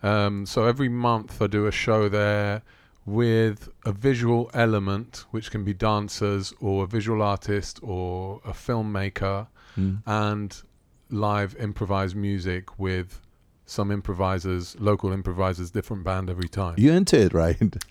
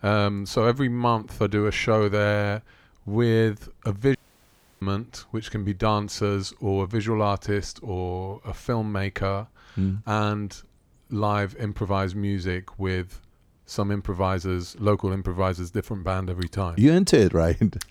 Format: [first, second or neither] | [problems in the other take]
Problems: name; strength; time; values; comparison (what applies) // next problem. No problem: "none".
first | audio cutting out; at 4 s for 0.5 s